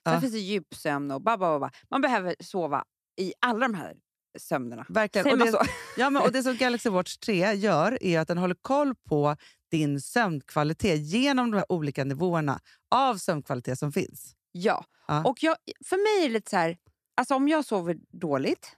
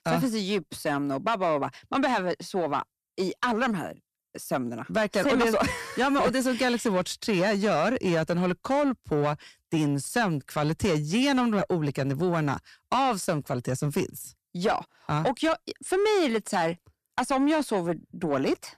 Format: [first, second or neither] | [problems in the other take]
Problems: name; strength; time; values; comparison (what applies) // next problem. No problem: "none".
first | distortion; slight; 10 dB below the speech